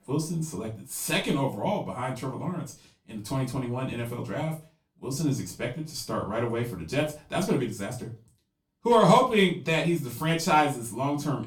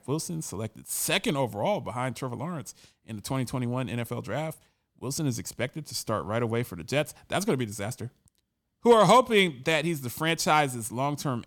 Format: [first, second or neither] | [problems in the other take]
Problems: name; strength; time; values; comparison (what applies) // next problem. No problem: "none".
second | off-mic speech; far // room echo; very slight; dies away in 0.3 s